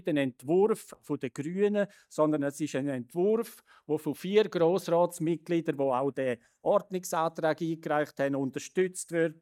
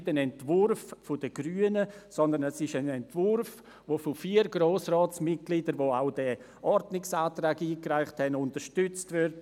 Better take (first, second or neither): second